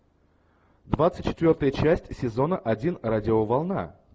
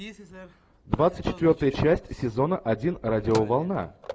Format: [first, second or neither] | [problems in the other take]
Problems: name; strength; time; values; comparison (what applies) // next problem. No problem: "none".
first | background sound (Telephone); 17 dB below the speech